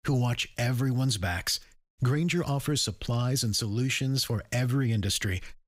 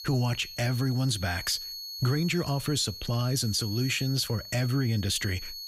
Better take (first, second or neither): first